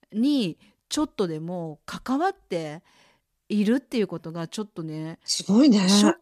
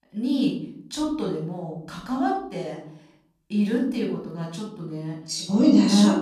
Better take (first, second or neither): first